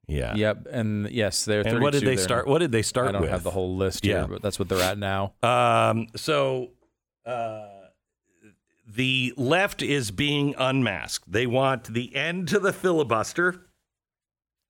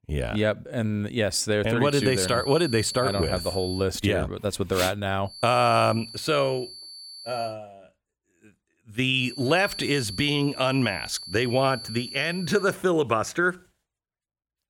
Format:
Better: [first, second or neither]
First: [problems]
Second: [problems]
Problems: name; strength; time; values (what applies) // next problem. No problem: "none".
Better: first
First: none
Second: high-pitched whine; noticeable; from 2 to 4 s, from 5.5 to 7.5 s and from 9 to 13 s; 4.5 kHz, 10 dB below the speech